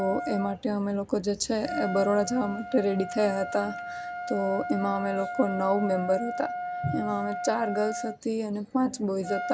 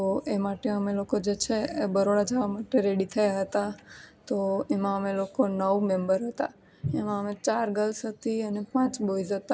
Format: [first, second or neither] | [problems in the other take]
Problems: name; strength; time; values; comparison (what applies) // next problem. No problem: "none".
second | background sound (Trumpet); 8 dB below the speech